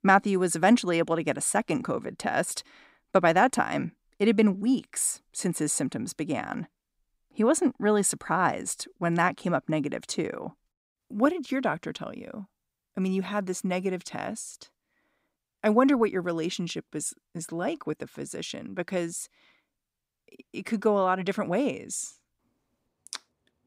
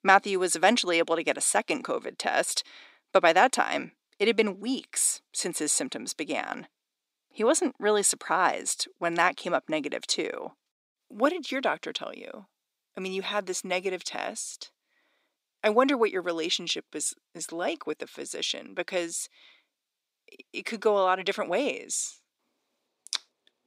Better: first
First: none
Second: thin; somewhat; fading below 400 Hz

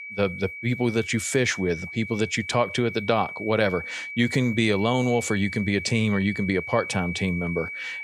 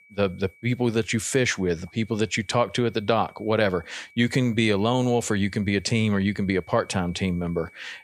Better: second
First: high-pitched whine; loud; throughout; 2.5 kHz, 9 dB below the speech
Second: high-pitched whine; faint; throughout; 2.5 kHz, 25 dB below the speech

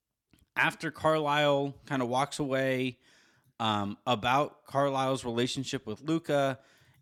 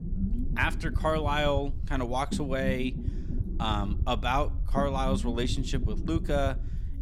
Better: first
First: none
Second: low rumble; noticeable; throughout; 15 dB below the speech

